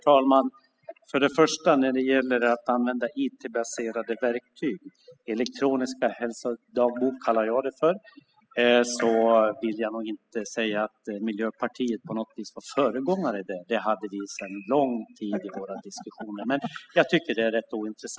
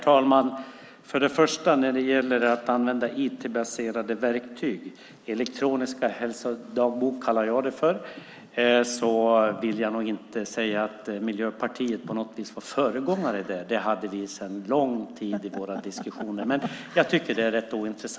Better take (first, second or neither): second